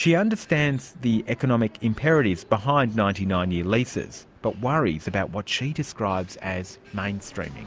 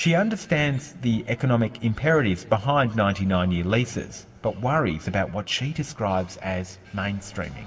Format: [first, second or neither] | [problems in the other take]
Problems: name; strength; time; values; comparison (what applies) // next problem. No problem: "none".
first | room echo; dies away in 0.8 s